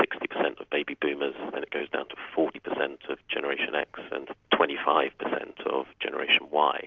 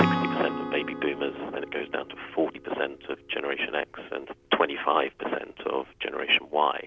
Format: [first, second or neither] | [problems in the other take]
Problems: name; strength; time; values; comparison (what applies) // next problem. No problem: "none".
first | background sound (Acoustic guitar / Strum); 7 dB below the speech